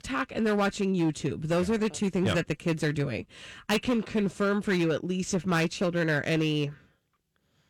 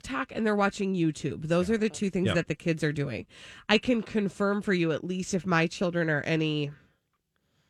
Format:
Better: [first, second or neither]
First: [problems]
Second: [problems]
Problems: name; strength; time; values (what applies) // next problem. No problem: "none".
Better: second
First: distortion; slight; 9% of the sound clipped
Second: none